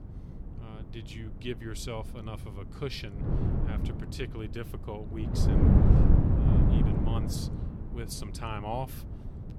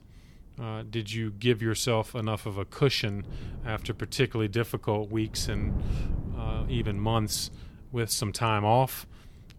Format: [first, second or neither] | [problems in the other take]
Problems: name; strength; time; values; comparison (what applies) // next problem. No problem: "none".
second | wind noise on the microphone; heavy; 4 dB above the speech; occasional gusts in the second